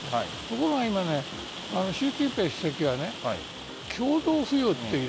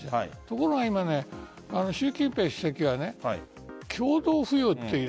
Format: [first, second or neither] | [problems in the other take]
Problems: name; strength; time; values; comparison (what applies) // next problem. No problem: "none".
second | background sound (Rain); 11 dB below the speech